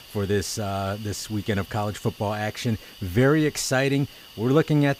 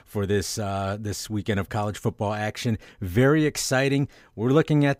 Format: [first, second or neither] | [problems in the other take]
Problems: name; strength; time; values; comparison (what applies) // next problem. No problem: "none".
second | hiss; noticeable; throughout; 20 dB below the speech